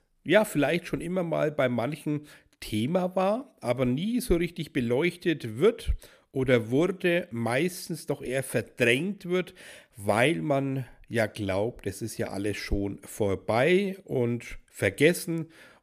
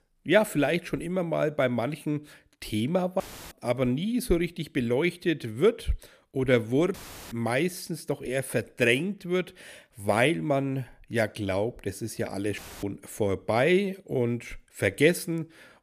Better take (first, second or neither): first